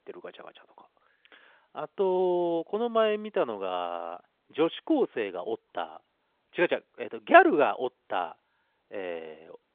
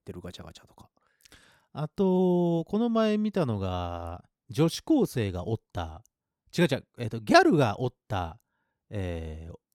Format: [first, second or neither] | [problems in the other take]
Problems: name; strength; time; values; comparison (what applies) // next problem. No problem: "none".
second | phone-call audio; nothing above 3.5 kHz